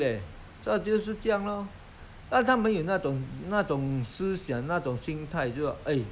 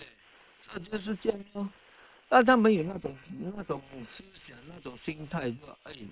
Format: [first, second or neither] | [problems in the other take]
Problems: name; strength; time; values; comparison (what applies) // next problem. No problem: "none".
first | noise reduction (neural separator model SepFormer WHAM!)